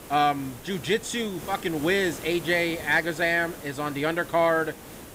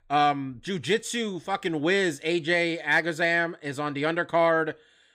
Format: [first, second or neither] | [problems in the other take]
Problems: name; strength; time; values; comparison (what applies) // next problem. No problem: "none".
second | hiss; noticeable; throughout; 15 dB below the speech